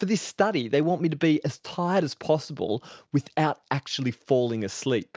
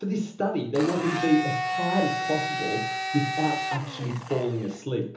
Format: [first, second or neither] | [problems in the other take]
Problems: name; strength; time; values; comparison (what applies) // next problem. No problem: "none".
first | background sound (Domestic sounds, home sounds); 4 dB below the speech // room echo; dies away in 1.2 s